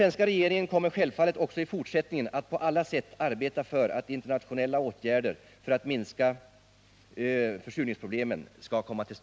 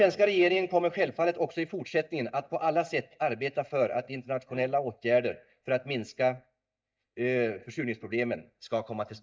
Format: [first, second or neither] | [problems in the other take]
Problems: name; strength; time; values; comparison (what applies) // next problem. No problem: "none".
first | noise reduction (neural mask model DeepFilterNet 3)